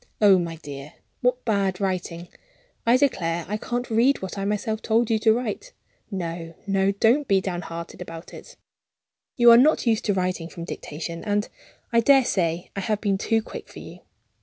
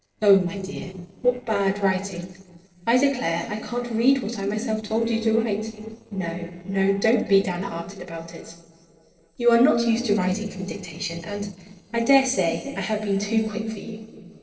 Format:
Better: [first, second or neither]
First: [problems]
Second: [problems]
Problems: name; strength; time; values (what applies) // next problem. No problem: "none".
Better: first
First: none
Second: noise reduction (neural separator model SepFormer DNS4)